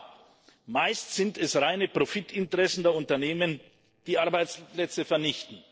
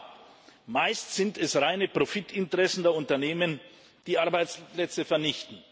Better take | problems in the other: second | noise reduction (neural separator model SepFormer DNS4)

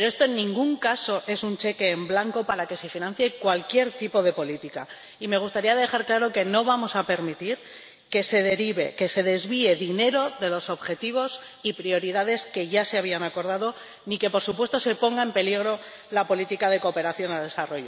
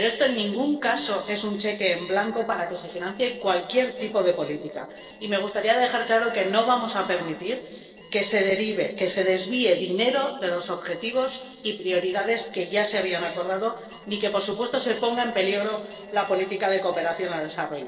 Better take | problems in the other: first | noise reduction (neural separator model SepFormer DNS4)

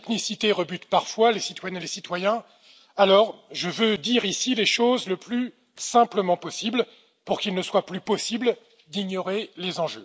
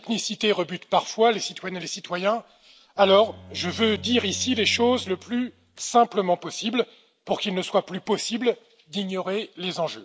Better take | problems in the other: first | background sound (Bowed string instrument); 19 dB below the speech

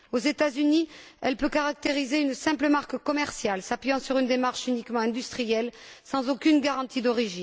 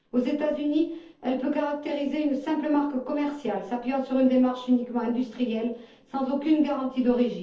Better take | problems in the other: first | noise reduction (neural separator model SepFormer DNS4)

